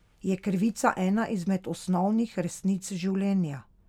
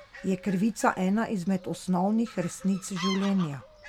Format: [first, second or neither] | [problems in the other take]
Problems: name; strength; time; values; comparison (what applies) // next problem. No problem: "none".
first | background sound (Fowl); 16 dB below the speech